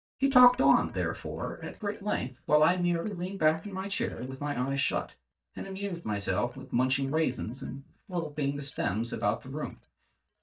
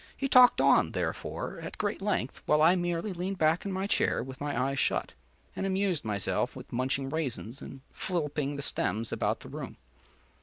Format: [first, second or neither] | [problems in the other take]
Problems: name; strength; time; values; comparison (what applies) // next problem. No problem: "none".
second | noise reduction (neural mask model DeepFilterNet 3)